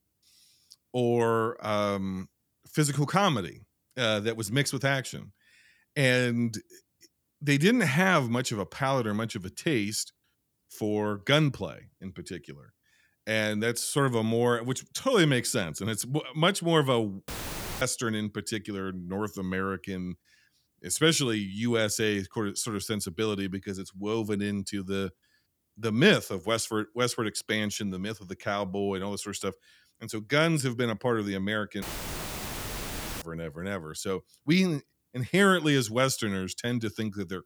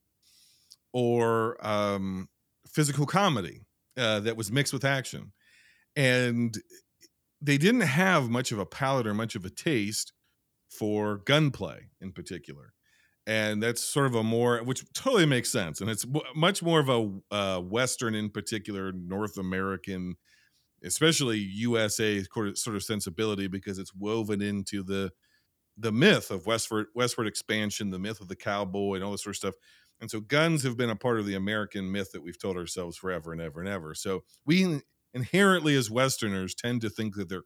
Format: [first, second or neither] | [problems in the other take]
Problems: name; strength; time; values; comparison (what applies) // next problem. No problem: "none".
second | audio cutting out; filled with static; at 17 s for 0.5 s and at 32 s for 1.5 s